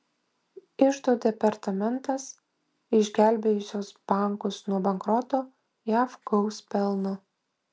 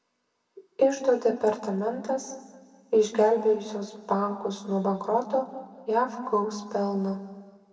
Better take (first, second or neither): first